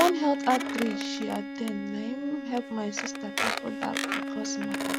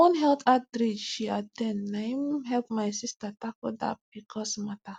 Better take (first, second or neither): second